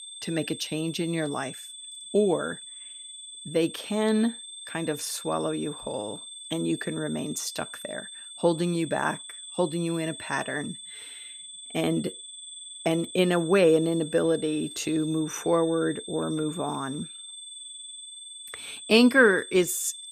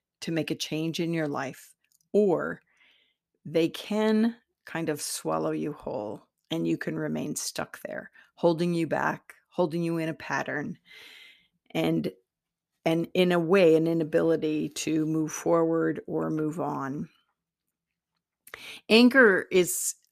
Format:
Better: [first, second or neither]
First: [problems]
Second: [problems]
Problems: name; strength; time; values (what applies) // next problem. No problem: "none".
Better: second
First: high-pitched whine; noticeable; throughout; 3.5 kHz, 10 dB below the speech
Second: none